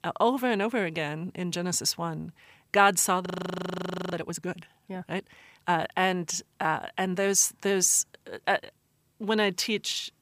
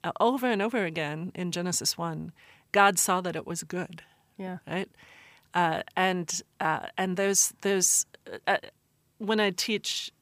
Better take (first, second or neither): second